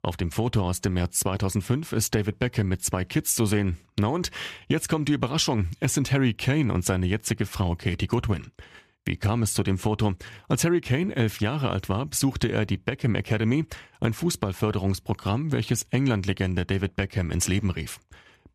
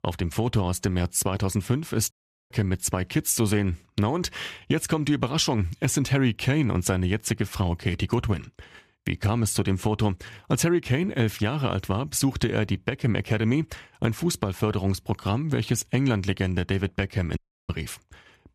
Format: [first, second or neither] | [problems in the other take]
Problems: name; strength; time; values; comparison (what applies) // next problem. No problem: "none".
first | audio cutting out; at 2 s and at 17 s